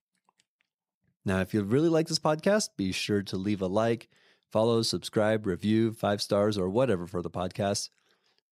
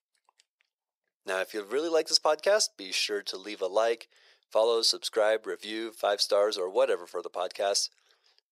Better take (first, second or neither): first